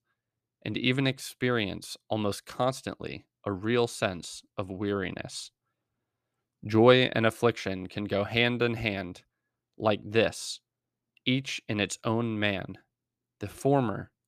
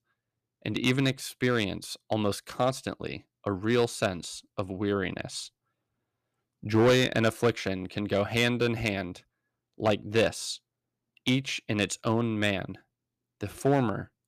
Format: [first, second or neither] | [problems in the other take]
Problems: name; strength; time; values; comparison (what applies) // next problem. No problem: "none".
first | distortion; slight; 2% of the sound clipped